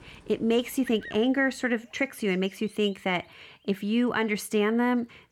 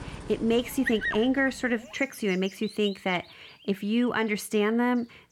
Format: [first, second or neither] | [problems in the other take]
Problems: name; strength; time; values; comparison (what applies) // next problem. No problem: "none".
first | animal sounds; loud; throughout; 10 dB below the speech; faint in the first